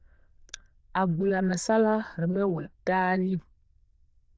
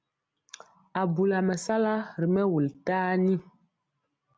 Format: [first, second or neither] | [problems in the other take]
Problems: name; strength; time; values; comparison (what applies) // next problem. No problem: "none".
second | noise reduction (neural diffusion model UNIVERSE++)